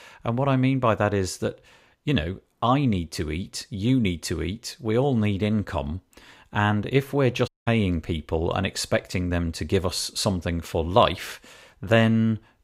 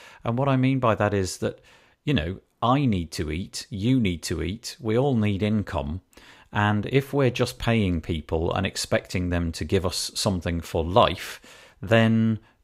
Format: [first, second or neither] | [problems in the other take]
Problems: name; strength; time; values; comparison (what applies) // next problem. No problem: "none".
second | audio cutting out; at 7.5 s